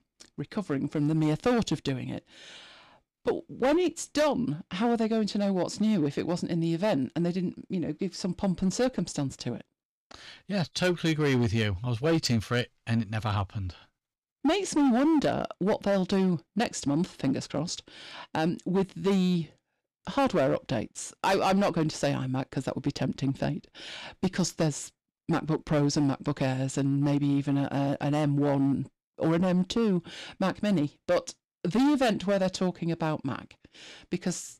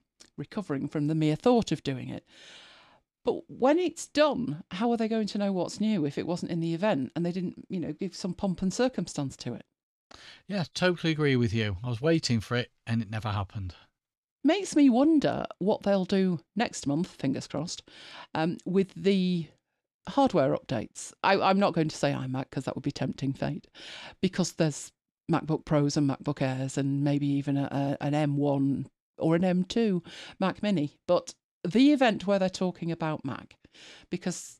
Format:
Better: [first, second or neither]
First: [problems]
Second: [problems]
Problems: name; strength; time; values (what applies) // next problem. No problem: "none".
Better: second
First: distortion; slight; 7% of the sound clipped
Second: none